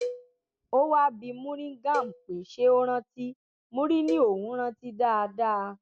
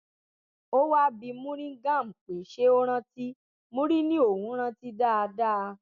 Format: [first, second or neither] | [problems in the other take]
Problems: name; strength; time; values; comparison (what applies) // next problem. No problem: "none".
second | background sound (Cowbell); 13 dB below the speech